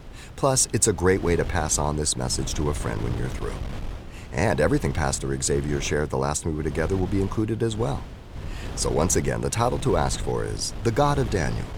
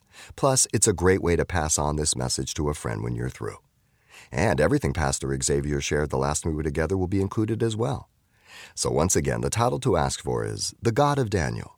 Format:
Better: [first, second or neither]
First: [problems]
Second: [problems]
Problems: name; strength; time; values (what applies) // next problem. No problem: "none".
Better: second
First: wind noise on the microphone; occasional gusts; 15 dB below the speech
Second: none